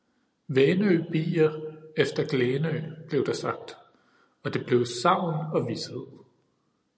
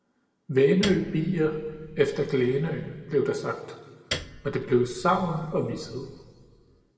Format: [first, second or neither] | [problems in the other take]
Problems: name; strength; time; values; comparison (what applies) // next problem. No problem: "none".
first | background sound (Piano); 14 dB below the speech // room echo; dies away in 1.6 s